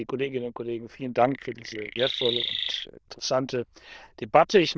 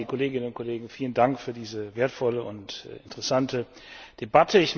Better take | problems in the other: second | noise reduction (neural diffusion model UNIVERSE++)

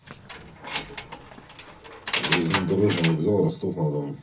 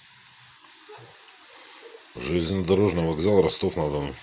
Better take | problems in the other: second | background sound (Keys jangling); 6 dB below the speech // room echo; dies away in 0.4 s

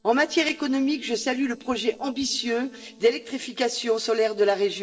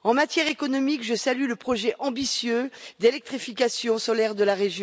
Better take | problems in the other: second | noise reduction (neural separator model SepFormer DNS4)

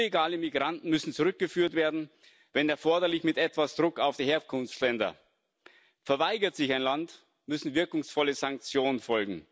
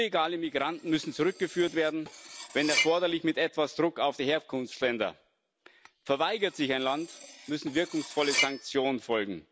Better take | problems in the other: first | background sound (Cutlery, silverware); 8 dB below the speech

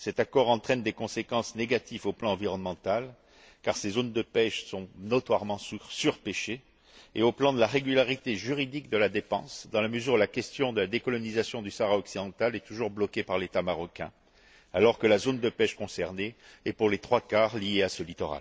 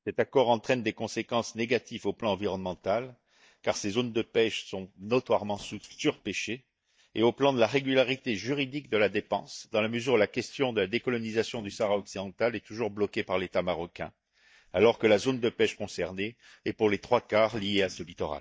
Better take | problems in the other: first | noise reduction (neural mask model DeepFilterNet 3)

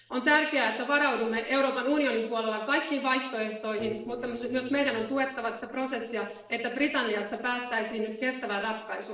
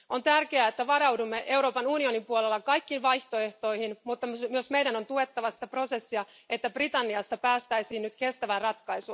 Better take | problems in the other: second | noise reduction (neural separator model SepFormer DNS4)

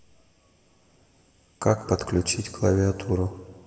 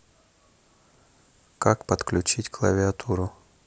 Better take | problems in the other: second | room echo; dies away in 1.6 s

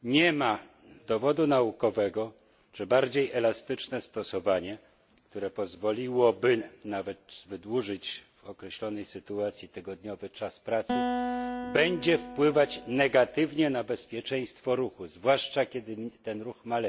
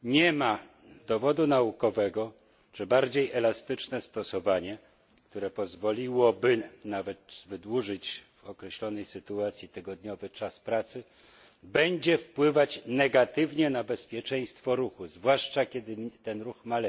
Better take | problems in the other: second | background sound (Acoustic guitar); 7 dB below the speech

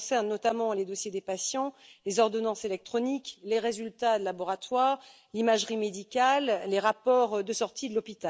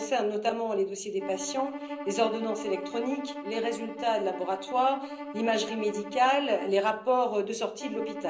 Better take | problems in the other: first | background sound (Bowed string instrument); 11 dB below the speech // room echo; dies away in 0.5 s

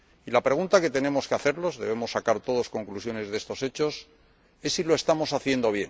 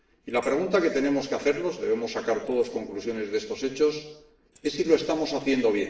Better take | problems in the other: first | noise reduction (neural separator model SepFormer DNS4)

